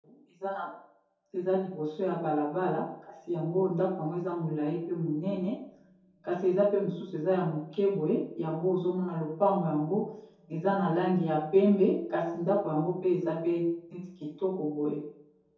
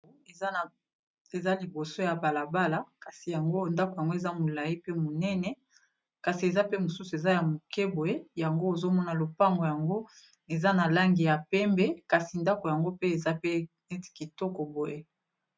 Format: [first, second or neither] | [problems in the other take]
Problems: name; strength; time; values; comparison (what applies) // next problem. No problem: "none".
second | room echo; dies away in 2.3 s